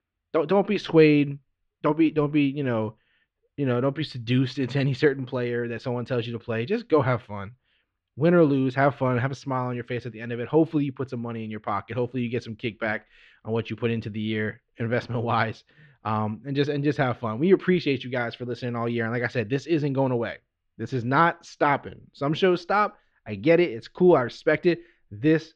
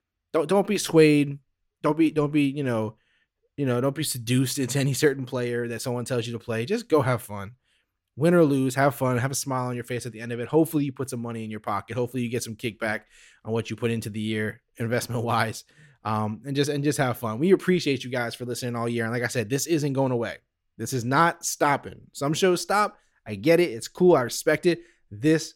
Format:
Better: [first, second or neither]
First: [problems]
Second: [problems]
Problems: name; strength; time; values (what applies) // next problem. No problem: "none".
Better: second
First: muffled; slightly; fading above 4 kHz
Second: none